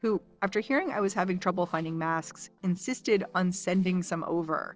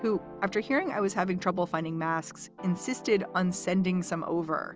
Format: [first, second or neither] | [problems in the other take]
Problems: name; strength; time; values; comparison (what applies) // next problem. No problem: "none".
second | noise reduction (neural separator model SepFormer DNS4)